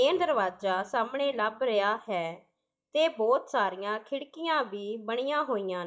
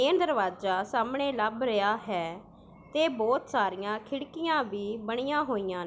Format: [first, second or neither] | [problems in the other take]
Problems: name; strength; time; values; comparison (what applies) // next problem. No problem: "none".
second | noise reduction (neural mask model DeepFilterNet 3)